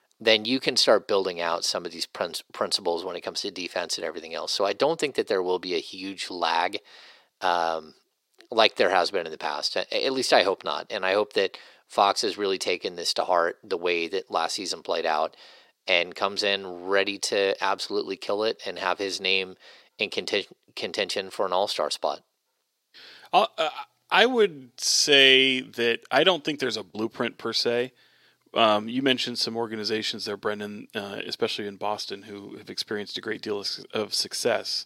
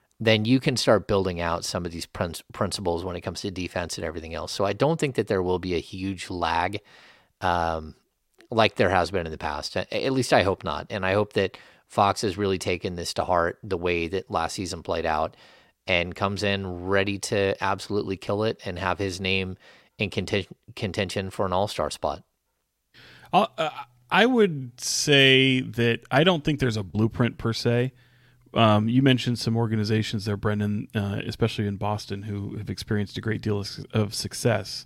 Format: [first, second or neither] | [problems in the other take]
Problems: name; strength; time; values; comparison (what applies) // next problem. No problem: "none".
second | thin; somewhat; fading below 400 Hz